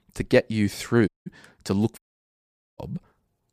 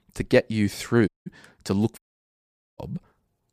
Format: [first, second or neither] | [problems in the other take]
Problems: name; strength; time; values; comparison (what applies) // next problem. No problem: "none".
neither | audio cutting out; at 1 s and at 2 s for 1 s; the same in both